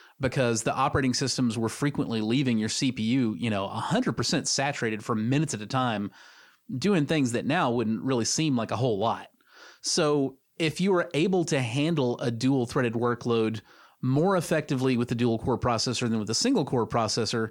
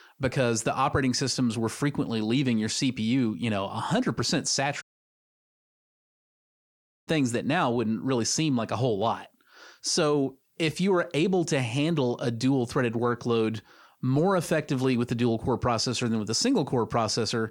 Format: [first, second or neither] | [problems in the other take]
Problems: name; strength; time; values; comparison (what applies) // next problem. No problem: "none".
first | audio cutting out; at 5 s for 2.5 s